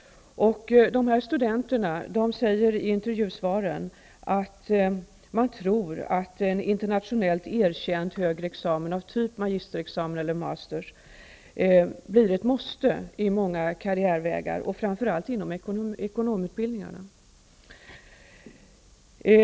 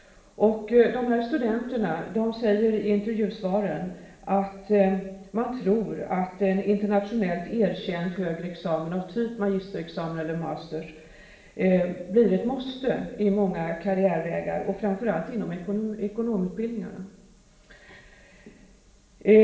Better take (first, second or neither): first